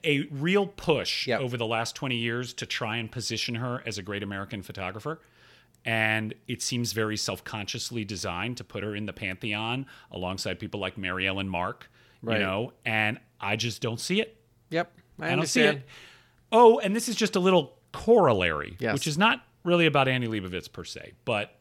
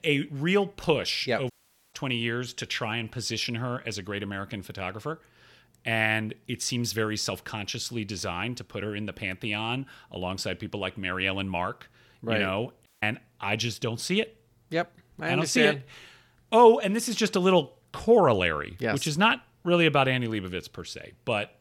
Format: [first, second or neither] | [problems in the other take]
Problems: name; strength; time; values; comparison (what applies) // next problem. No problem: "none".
first | audio cutting out; at 1.5 s and at 13 s